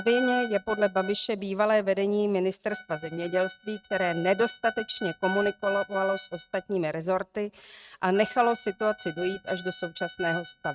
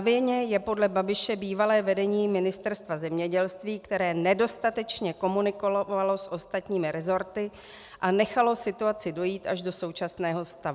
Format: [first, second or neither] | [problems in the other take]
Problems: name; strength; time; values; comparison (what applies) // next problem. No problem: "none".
second | noise reduction (neural mask model RNNoise)